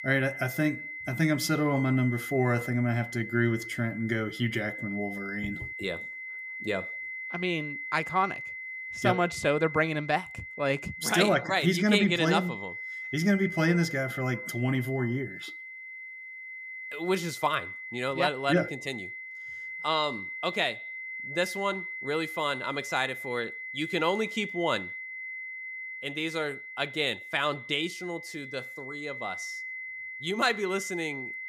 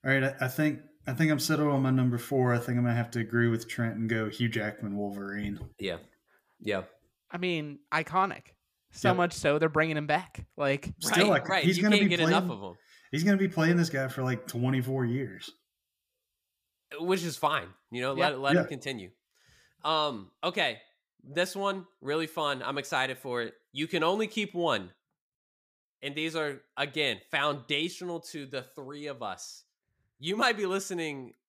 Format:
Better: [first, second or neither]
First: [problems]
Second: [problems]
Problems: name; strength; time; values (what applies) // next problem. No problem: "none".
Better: second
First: high-pitched whine; loud; throughout; 2 kHz, 8 dB below the speech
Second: none